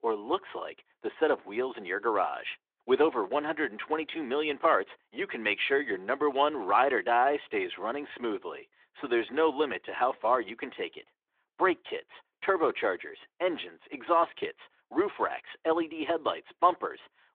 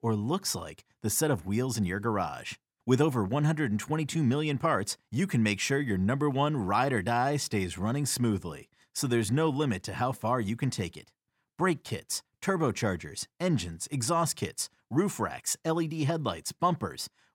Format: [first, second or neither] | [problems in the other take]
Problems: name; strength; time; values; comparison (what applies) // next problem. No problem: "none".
second | phone-call audio; nothing above 3.5 kHz